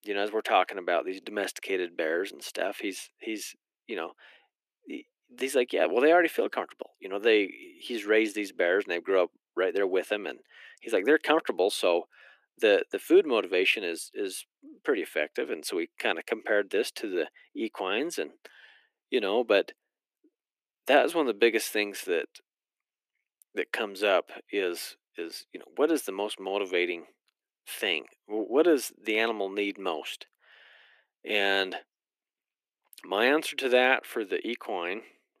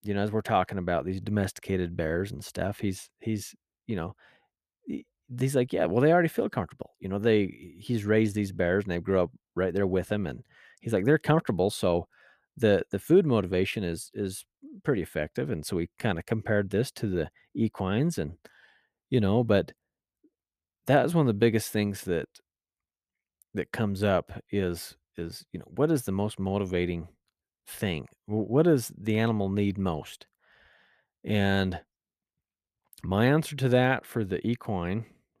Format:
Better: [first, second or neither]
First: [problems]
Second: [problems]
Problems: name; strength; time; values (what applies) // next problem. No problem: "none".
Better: second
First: thin; somewhat; fading below 300 Hz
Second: none